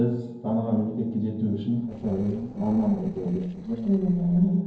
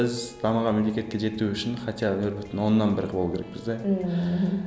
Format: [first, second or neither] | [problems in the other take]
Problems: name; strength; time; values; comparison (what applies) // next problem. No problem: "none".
second | noise reduction (neural separator model SepFormer DNS4)